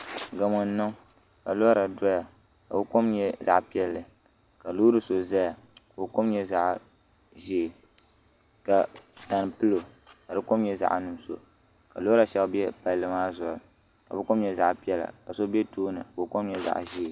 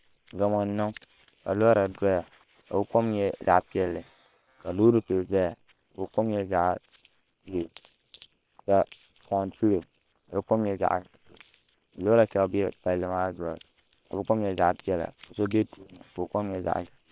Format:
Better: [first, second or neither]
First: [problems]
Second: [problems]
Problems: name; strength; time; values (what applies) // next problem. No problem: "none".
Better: first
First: none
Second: noise reduction (neural separator model SepFormer WHAM!)